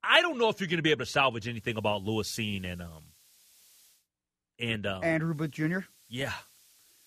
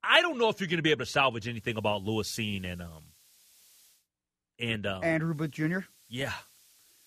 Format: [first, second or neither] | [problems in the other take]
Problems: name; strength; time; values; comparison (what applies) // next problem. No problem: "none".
neither | hiss; faint; from 1.5 to 4 s and from 5.5 s on; 30 dB below the speech; the same in both